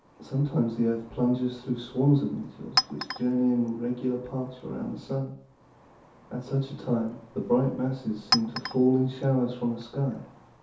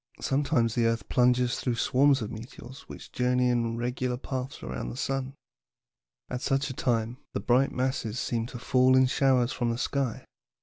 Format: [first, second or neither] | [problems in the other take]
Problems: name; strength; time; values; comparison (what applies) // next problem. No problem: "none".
second | background sound (Chink, clink); 10 dB below the speech // room echo; dies away in 0.5 s